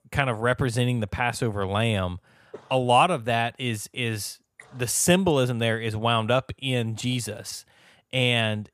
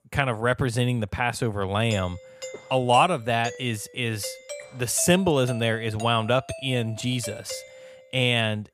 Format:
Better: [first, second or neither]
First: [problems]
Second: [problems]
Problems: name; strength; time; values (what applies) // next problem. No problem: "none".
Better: first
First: none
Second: doorbell; faint; from 2 to 8 s; peak 10 dB below the speech